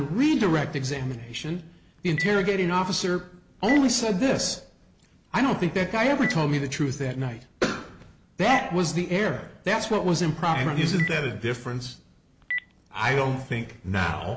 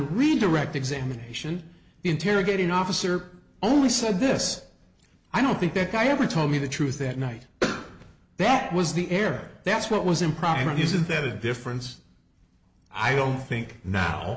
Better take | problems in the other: second | background sound (Telephone); 15 dB below the speech

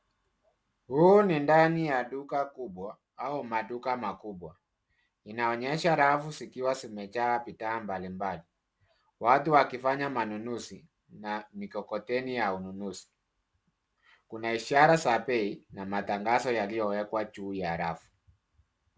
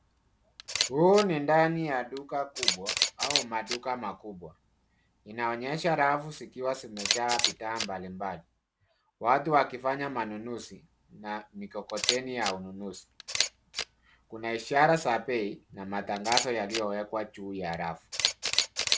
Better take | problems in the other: first | background sound (Camera); 5 dB below the speech

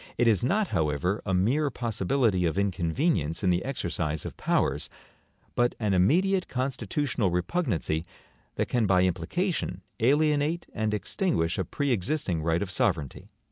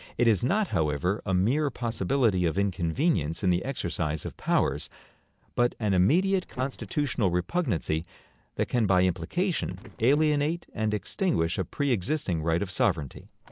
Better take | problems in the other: first | noise reduction (neural separator model SepFormer DNS4)

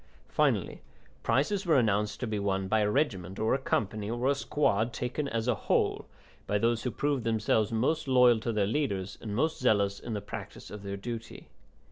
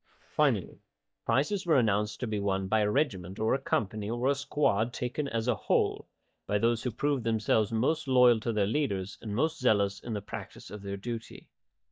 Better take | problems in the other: first | noise reduction (neural mask model DeepFilterNet 3)

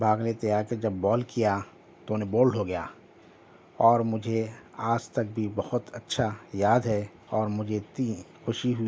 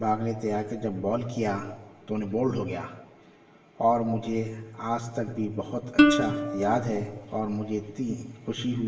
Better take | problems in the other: first | background sound (Plucked string instrument); 2 dB above the speech // room echo; dies away in 1.1 s

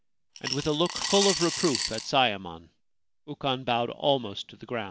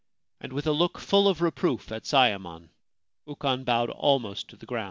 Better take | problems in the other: second | background sound (Coin (dropping) / Glass); 3 dB below the speech

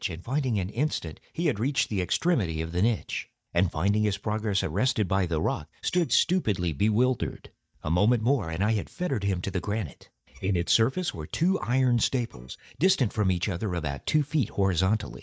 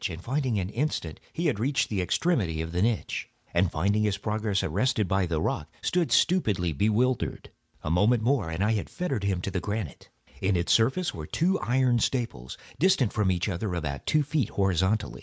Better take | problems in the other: second | noise reduction (neural mask model DeepFilterNet 3)

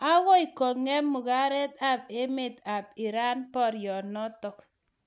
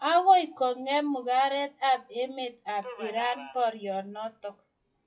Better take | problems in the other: first | noise reduction (classical method WPE with log-MMSE)

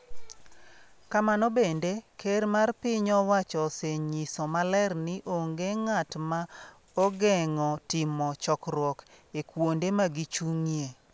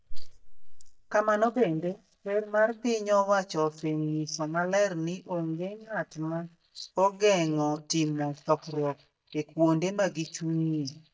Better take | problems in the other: first | noise reduction (neural mask model DeepFilterNet 3)

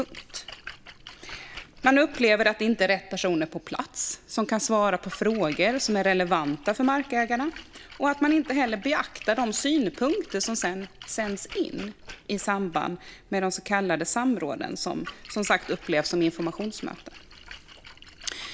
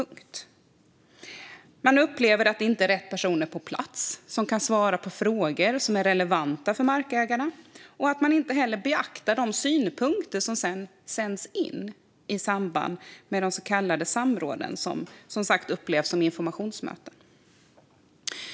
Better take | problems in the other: second | background sound (Splash, splatter); 19 dB below the speech

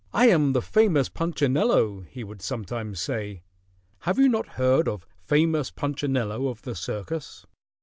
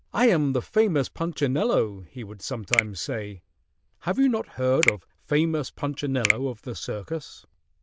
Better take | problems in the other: first | noise reduction (neural diffusion model UNIVERSE++)

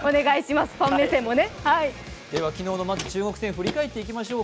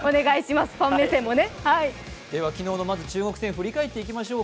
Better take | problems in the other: second | background sound (Walk, footsteps); 16 dB below the speech

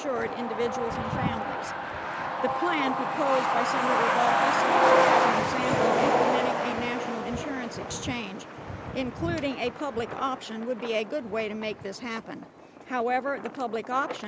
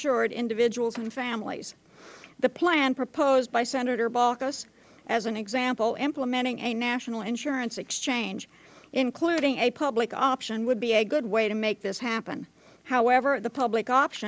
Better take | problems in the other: second | background sound (Truck); 4 dB above the speech

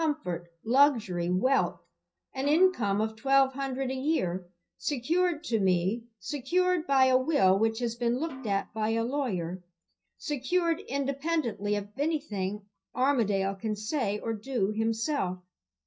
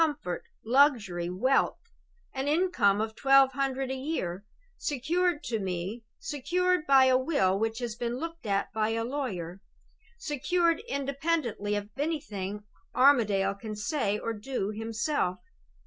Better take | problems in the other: second | noise reduction (neural mask model DeepFilterNet 3)

